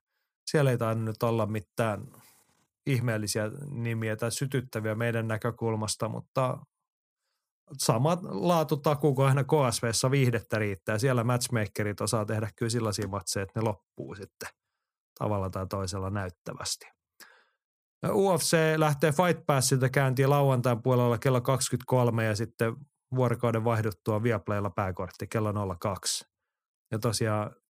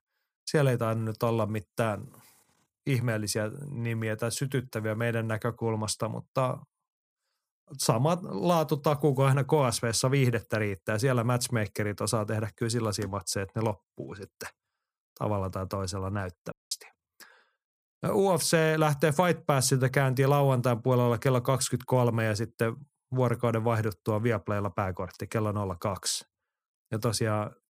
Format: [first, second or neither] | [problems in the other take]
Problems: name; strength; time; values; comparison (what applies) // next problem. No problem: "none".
first | audio cutting out; at 17 s